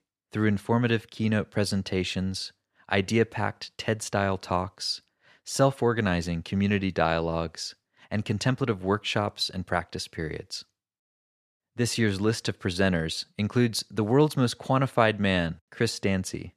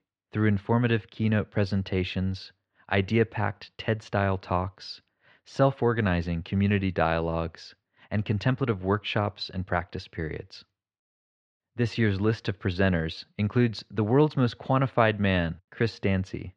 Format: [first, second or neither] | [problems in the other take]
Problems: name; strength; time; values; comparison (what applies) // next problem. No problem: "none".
first | muffled; slightly; fading above 3.5 kHz